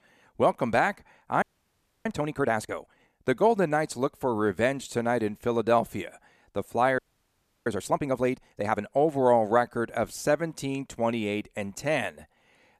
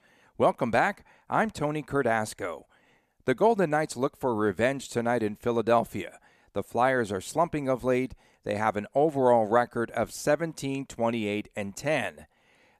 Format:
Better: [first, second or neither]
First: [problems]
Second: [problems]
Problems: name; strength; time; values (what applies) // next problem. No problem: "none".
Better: second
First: audio freezing; at 1.5 s for 0.5 s and at 7 s for 0.5 s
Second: none